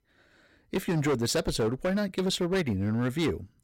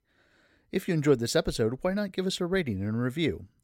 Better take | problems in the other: second | distortion; heavy; 12% of the sound clipped

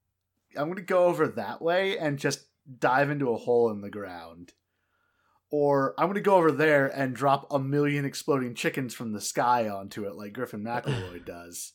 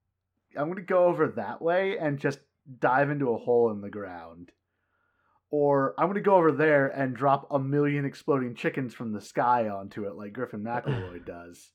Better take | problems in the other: first | muffled; slightly; fading above 3.5 kHz

